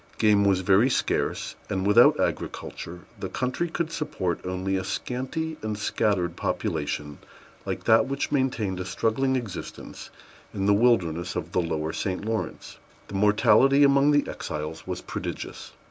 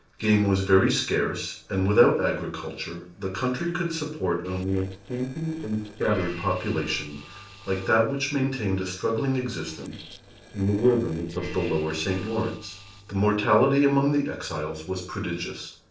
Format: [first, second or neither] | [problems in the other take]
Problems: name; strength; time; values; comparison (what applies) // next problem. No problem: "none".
first | noise reduction (neural separator model SepFormer DNS4)